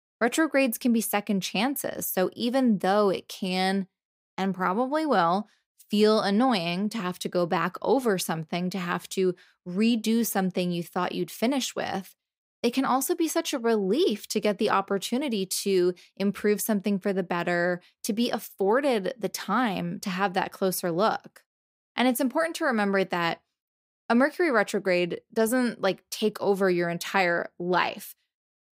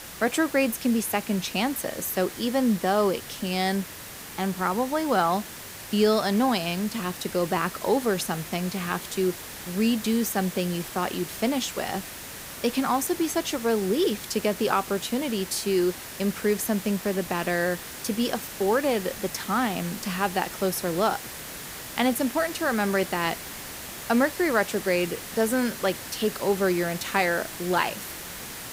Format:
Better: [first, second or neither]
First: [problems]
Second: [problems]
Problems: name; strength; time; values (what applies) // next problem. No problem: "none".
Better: first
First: none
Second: hiss; noticeable; throughout; 10 dB below the speech